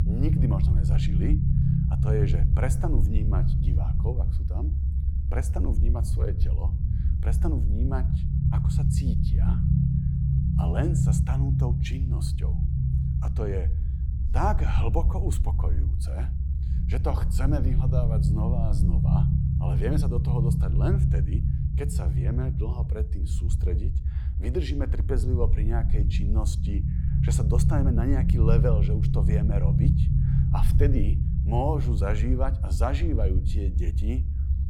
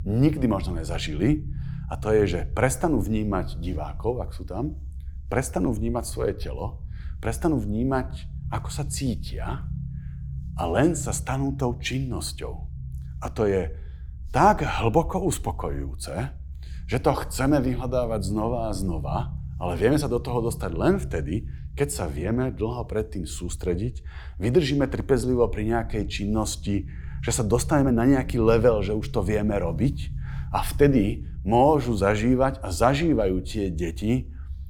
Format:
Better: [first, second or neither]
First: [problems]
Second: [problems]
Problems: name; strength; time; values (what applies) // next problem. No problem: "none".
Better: second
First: low rumble; loud; throughout; 3 dB below the speech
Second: low rumble; faint; throughout; 25 dB below the speech